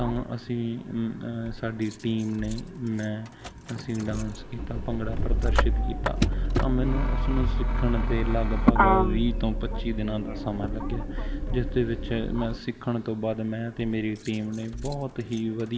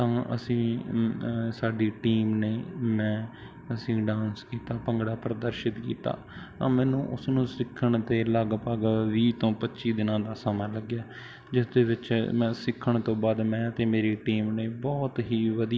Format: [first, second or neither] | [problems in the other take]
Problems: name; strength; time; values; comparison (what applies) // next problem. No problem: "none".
second | background sound (Motor vehicle (road)); 2 dB above the speech